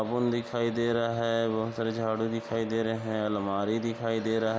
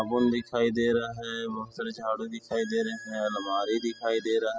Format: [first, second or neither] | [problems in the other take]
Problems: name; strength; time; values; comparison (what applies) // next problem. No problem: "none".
first | noise reduction (classical method spectral subtraction)